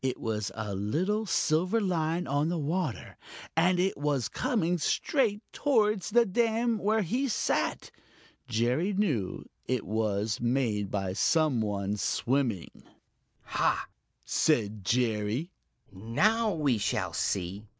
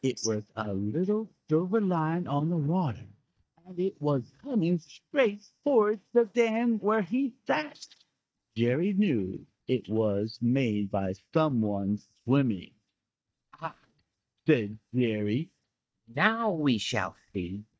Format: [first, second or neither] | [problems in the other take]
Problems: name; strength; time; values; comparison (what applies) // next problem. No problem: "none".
first | noise reduction (neural mask model DeepFilterNet 3)